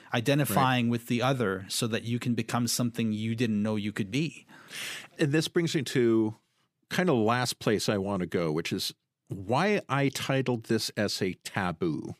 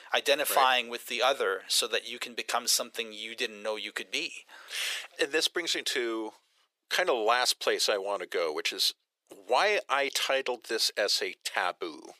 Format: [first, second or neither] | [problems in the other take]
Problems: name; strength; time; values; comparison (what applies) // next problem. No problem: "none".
first | thin; very; fading below 500 Hz